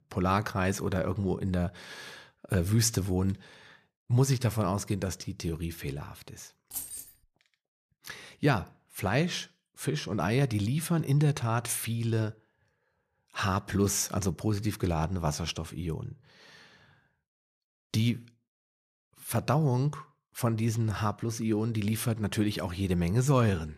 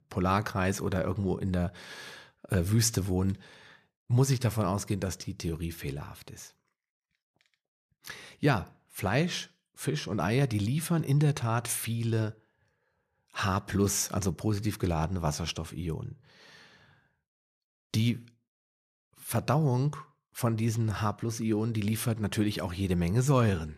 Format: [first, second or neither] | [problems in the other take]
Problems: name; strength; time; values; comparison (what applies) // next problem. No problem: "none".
second | jangling keys; noticeable; at 6.5 s; peak 7 dB below the speech